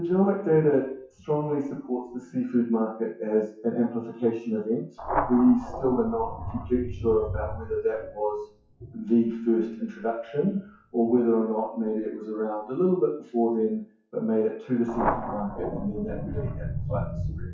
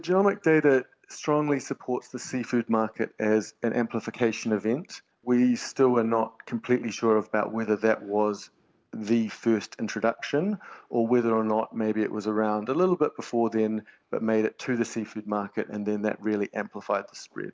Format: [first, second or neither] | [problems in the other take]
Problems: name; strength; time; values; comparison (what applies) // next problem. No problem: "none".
second | noise reduction (classical method WPE with log-MMSE)